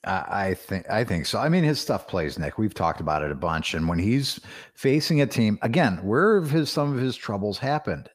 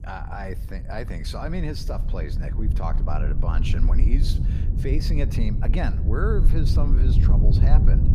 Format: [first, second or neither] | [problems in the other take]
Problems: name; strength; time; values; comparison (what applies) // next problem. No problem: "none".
first | low rumble; loud; throughout; 4 dB below the speech